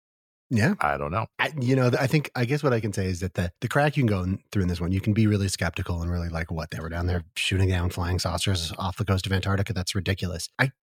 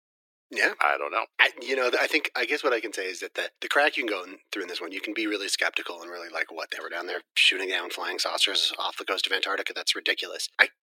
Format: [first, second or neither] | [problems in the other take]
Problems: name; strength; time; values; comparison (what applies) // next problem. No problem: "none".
first | thin; very; fading below 300 Hz